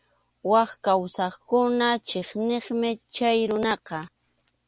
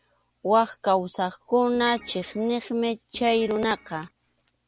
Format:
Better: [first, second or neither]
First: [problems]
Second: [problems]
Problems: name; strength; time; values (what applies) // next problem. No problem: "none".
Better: first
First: none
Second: background sound (Organ); 19 dB below the speech